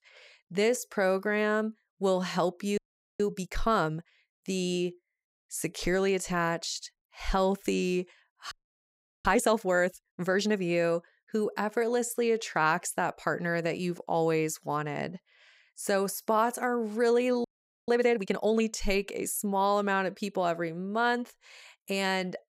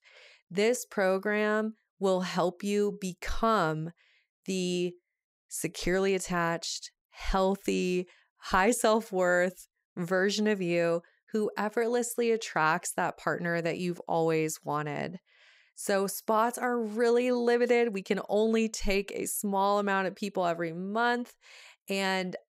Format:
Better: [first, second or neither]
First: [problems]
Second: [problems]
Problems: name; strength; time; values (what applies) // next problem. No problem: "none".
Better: second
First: audio freezing; at 3 s, at 8.5 s for 0.5 s and at 17 s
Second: none